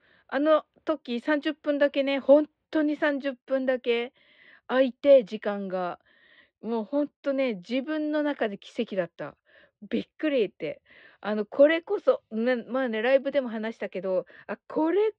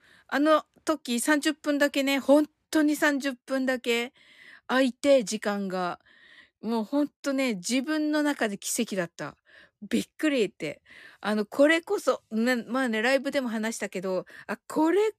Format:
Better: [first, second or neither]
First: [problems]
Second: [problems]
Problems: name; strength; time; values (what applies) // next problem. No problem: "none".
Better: second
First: muffled; very; fading above 3.5 kHz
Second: none